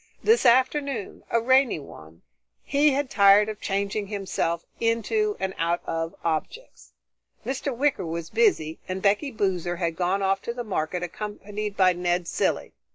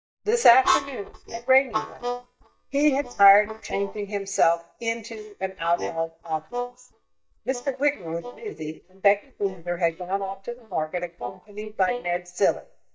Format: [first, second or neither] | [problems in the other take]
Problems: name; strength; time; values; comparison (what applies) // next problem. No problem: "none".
first | noise reduction (neural mask model DeepFilterNet 3)